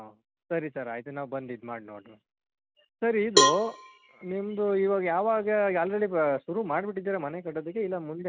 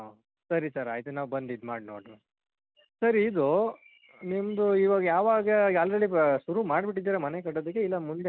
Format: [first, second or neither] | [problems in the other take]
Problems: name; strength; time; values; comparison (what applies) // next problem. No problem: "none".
second | background sound (Cowbell); 2 dB above the speech